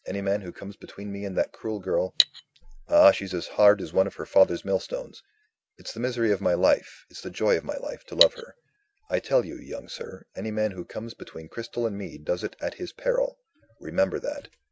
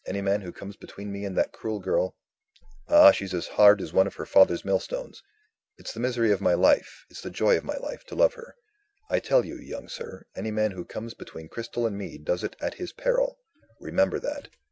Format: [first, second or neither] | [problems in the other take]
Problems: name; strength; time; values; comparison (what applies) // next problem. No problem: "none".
second | background sound (Cutlery, silverware); 2 dB below the speech